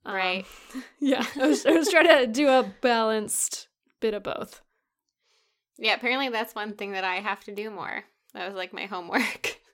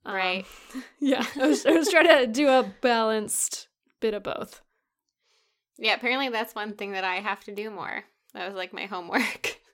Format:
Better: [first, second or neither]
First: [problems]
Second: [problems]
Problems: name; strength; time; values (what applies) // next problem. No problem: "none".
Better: neither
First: none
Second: none